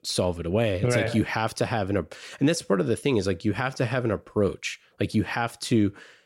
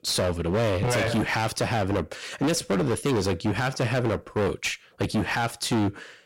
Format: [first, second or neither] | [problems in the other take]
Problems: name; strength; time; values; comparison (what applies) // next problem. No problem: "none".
first | distortion; heavy; 24% of the sound clipped